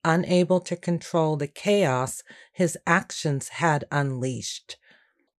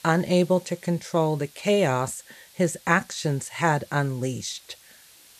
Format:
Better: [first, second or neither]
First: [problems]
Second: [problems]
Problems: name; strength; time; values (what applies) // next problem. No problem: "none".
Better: first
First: none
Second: hiss; faint; throughout; 25 dB below the speech